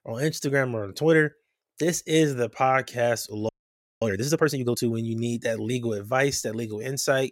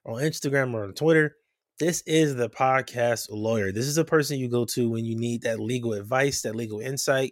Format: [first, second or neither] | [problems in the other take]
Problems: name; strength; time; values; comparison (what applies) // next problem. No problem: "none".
second | audio freezing; at 3.5 s for 0.5 s